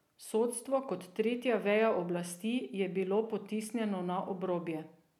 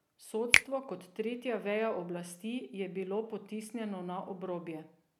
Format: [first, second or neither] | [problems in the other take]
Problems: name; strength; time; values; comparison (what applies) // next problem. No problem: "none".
first | background sound (Finger snapping); 2 dB above the speech